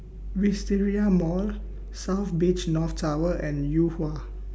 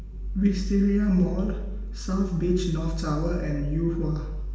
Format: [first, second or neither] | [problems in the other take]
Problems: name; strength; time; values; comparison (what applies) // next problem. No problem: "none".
first | room echo; dies away in 0.9 s